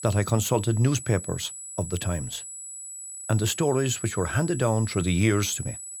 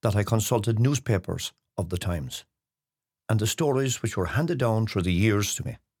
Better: second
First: high-pitched whine; noticeable; throughout; 8 kHz, 10 dB below the speech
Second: none

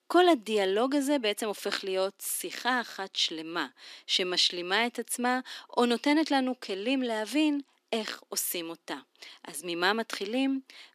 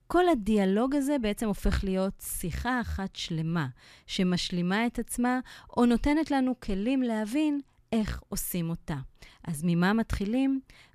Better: second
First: thin; very slightly; fading below 300 Hz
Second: none

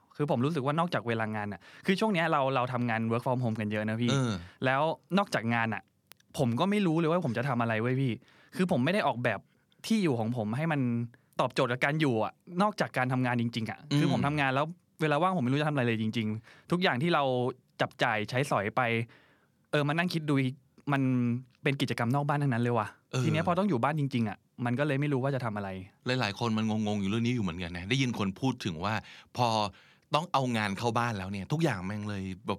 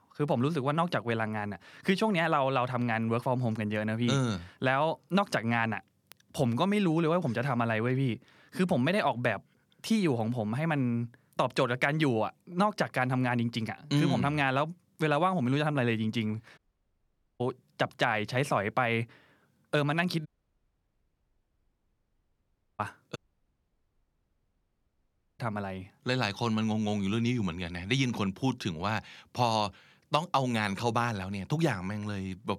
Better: first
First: none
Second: audio cutting out; at 17 s for 1 s, at 20 s for 2.5 s and at 23 s for 2 s

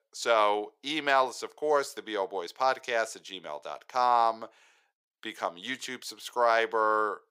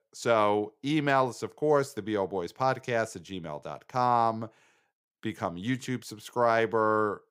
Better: second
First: thin; somewhat; fading below 550 Hz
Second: none

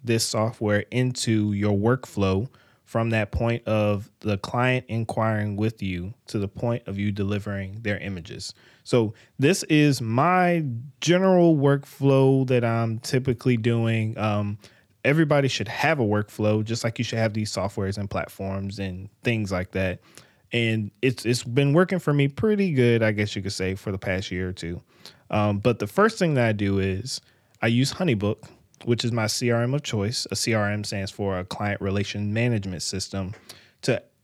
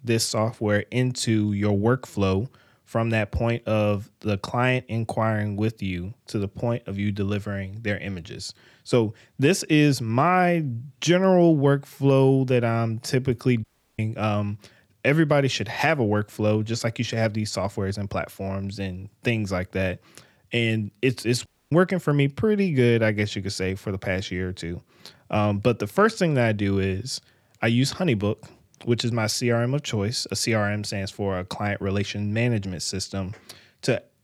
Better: first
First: none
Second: audio cutting out; at 14 s and at 21 s

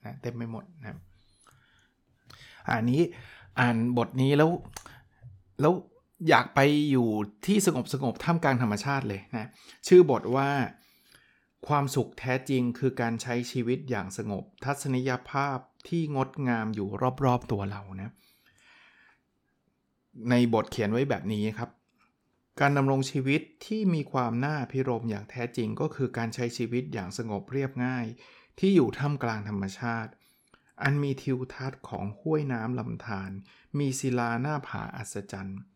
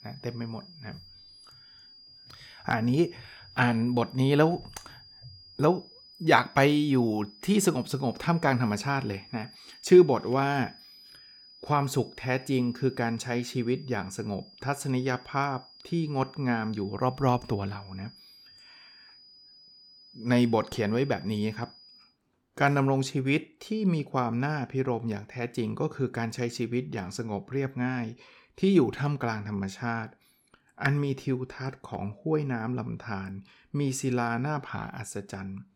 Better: first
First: none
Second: high-pitched whine; faint; until 22 s; 5 kHz, 20 dB below the speech

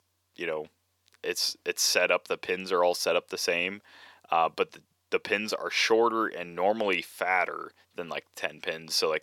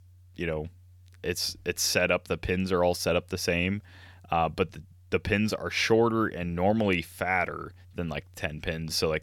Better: second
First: thin; somewhat; fading below 400 Hz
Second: none

